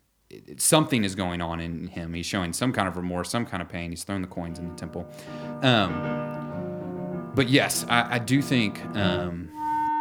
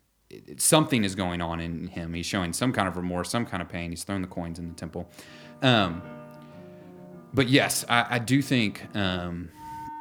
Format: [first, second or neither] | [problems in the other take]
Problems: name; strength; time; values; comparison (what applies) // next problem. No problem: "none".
second | background music; loud; from 5 s on; 8 dB below the speech; faint in the second